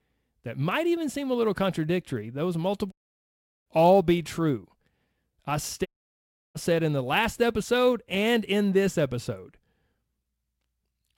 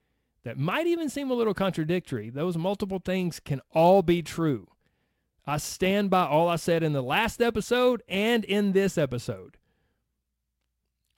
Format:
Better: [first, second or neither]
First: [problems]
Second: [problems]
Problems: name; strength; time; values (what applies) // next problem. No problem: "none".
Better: second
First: audio cutting out; at 3 s for 0.5 s and at 6 s for 0.5 s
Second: none